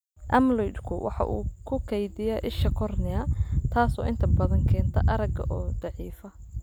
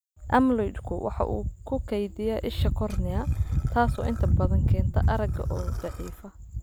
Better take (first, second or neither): first